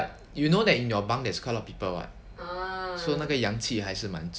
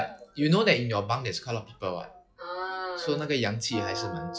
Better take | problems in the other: first | noise reduction (classical method log-MMSE)

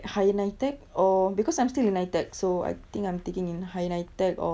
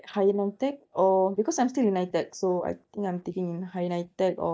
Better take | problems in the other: first | noise reduction (neural mask model DeepFilterNet 3)

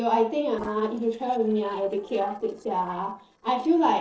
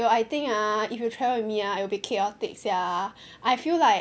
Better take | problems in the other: second | noise reduction (neural separator model SepFormer DNS4)

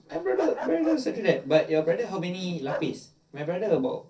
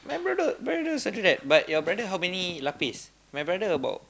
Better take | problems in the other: second | noise reduction (neural separator model SepFormer DNS4)

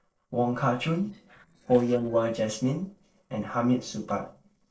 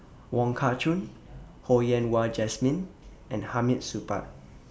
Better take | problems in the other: second | noise reduction (neural separator model SepFormer DNS4)

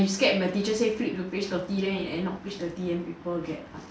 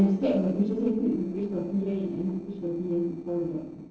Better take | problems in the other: first | noise reduction (neural separator model SepFormer DNS4)

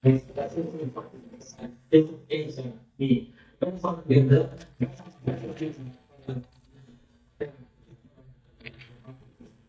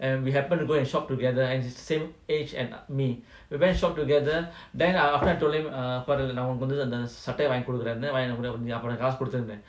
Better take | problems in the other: second | noise reduction (neural mask model DeepFilterNet 3)

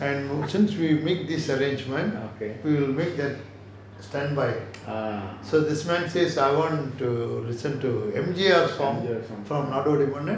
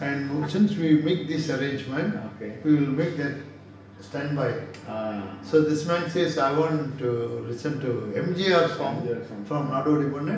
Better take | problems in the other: first | room echo; dies away in 0.9 s

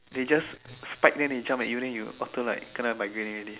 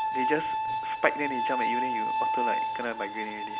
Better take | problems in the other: first | background sound (Bowed string instrument); 3 dB above the speech

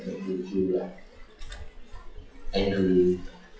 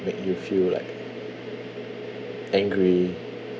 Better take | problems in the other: second | noise reduction (classical method WPE with log-MMSE)

